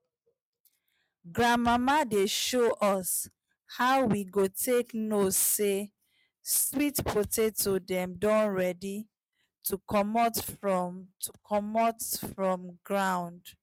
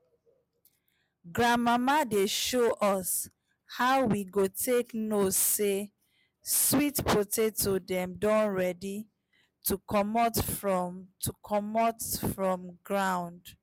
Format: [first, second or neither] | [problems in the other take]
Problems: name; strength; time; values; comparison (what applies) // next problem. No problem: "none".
second | noise reduction (neural mask model RNNoise)